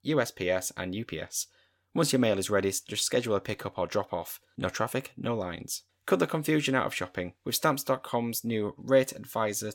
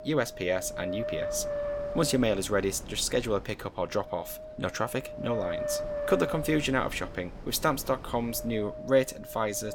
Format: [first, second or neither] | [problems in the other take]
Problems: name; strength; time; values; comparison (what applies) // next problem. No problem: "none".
first | wind noise on the microphone; heavy; 6 dB below the speech